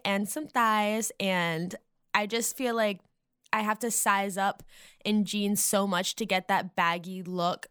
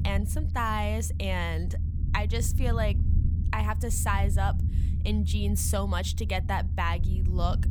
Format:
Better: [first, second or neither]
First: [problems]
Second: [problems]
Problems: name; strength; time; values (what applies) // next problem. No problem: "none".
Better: first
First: none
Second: low rumble; noticeable; throughout; 15 dB below the speech